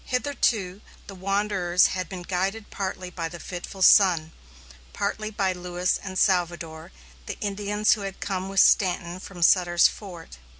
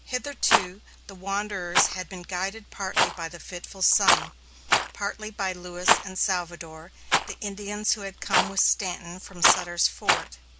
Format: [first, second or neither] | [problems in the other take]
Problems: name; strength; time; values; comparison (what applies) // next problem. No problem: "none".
first | background sound (Rattle); 1 dB above the speech